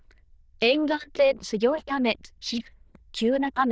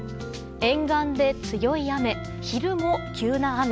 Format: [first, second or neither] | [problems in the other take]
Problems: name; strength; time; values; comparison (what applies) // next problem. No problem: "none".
second | noise reduction (neural diffusion model UNIVERSE++)